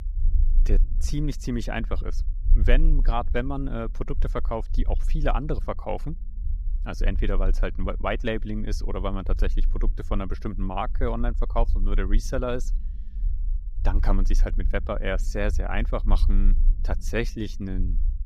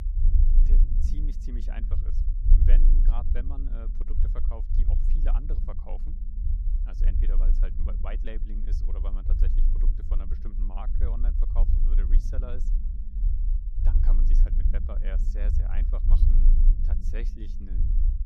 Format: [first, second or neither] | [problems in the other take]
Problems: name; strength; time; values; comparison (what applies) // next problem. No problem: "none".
first | low rumble; loud; throughout; 3 dB below the speech; faint in the first